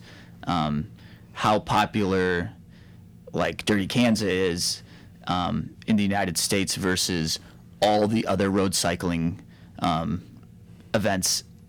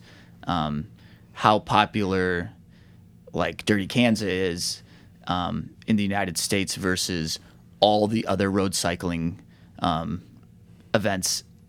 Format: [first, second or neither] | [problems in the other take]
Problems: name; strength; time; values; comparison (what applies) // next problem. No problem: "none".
second | distortion; slight; 10 dB below the speech